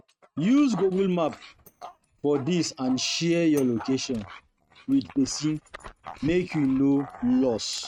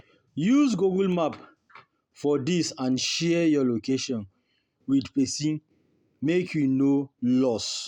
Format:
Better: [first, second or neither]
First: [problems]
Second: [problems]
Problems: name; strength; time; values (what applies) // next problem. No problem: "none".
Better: second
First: noise reduction (neural mask model RNNoise)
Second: none